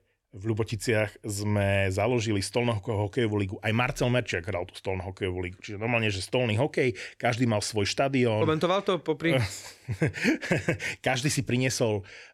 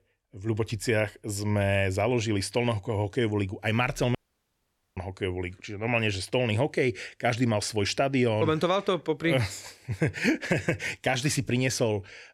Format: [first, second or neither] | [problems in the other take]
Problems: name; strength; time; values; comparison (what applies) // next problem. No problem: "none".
first | audio cutting out; at 4 s for 1 s